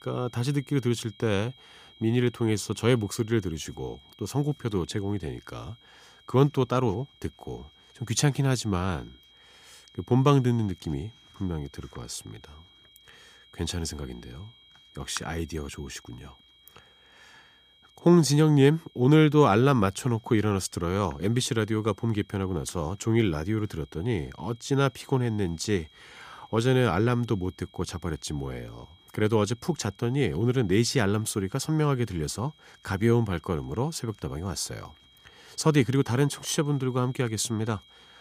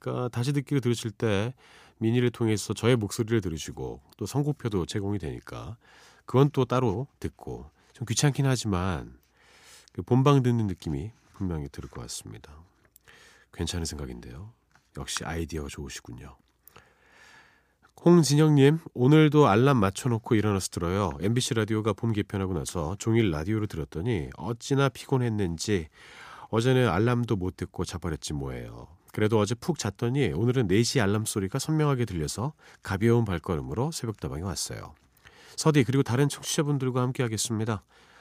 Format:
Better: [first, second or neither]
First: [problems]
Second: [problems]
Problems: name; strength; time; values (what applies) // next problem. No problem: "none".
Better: second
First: high-pitched whine; faint; throughout; 3 kHz, 30 dB below the speech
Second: none